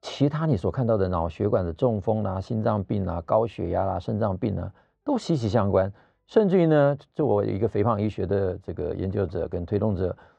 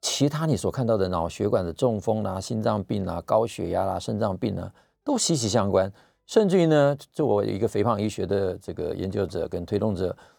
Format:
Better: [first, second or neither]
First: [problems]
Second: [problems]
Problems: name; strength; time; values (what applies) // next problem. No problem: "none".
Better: second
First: muffled; slightly; fading above 2.5 kHz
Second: none